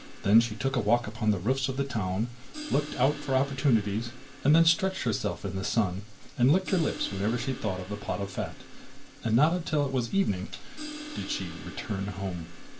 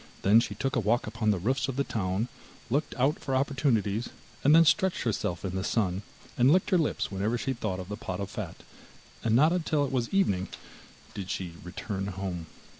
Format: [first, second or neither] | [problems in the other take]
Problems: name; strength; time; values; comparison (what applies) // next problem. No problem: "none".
second | background sound (Crash cymbal); 17 dB below the speech // room echo; dies away in 0.2 s